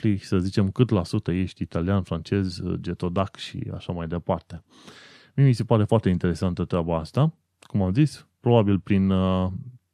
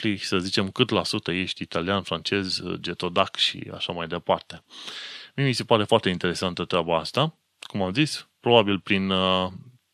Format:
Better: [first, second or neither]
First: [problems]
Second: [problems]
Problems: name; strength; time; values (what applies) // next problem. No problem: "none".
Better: first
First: none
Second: thin; somewhat; fading below 700 Hz